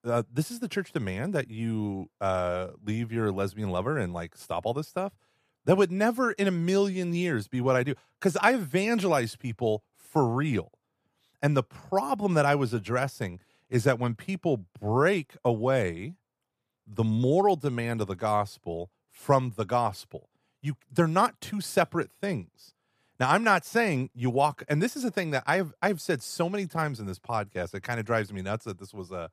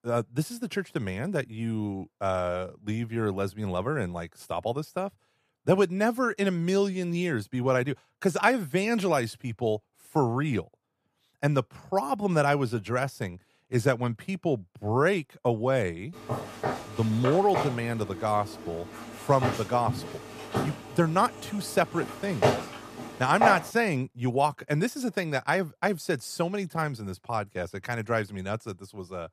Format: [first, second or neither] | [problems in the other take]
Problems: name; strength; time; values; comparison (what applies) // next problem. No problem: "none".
first | footsteps; loud; from 16 to 24 s; peak 3 dB above the speech